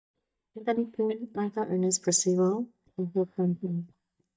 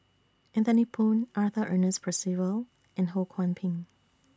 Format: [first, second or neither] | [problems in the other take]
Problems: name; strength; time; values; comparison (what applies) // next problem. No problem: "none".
second | noise reduction (neural mask model DeepFilterNet 3)